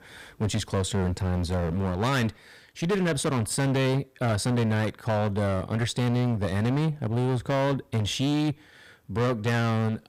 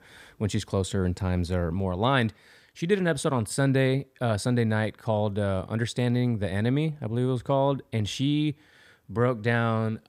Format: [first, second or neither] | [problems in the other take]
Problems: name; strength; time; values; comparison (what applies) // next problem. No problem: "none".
second | distortion; heavy; 20% of the sound clipped